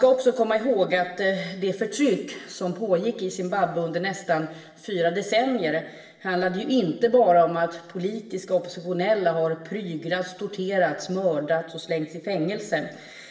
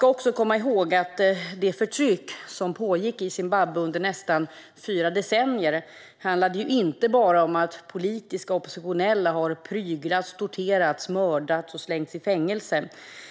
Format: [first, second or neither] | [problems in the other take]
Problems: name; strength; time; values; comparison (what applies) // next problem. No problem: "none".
second | room echo; dies away in 0.9 s